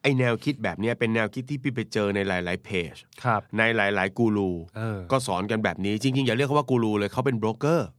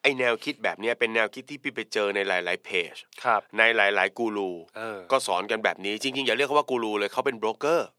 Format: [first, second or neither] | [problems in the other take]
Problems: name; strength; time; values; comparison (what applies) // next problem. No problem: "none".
first | thin; somewhat; fading below 500 Hz